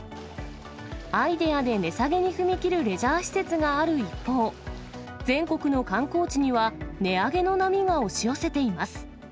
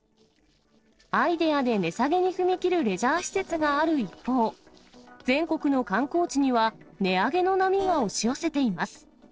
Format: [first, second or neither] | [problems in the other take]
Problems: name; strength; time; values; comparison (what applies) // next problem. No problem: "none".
first | noise reduction (neural separator model SepFormer DNS4)